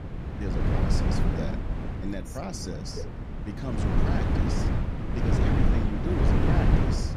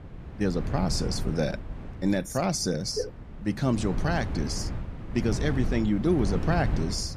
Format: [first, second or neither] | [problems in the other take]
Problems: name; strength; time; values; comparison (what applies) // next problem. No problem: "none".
second | wind noise on the microphone; heavy; 5 dB above the speech; occasional gusts in the second